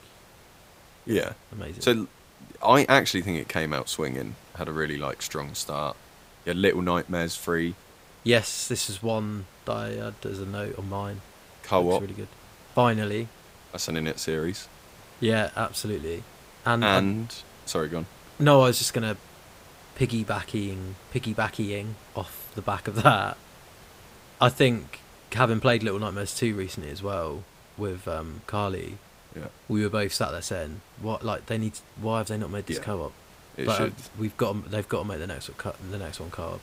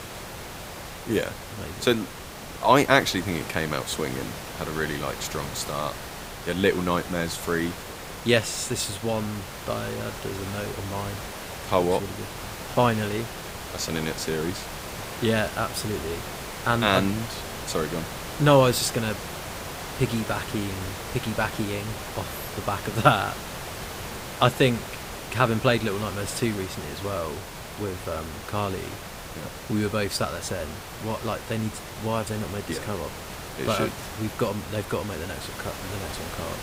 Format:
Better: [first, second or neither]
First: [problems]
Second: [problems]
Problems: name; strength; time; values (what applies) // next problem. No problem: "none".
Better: first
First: hiss; faint; throughout; 25 dB below the speech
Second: hiss; loud; throughout; 9 dB below the speech